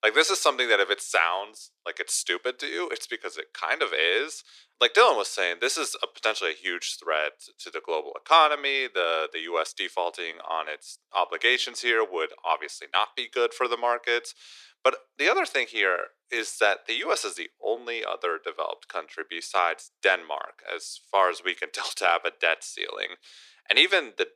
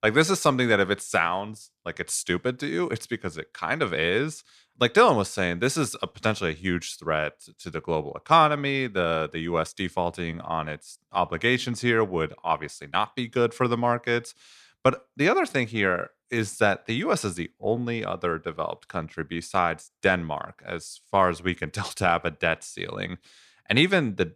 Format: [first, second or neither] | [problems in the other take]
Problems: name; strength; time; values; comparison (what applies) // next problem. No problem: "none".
second | thin; very; fading below 350 Hz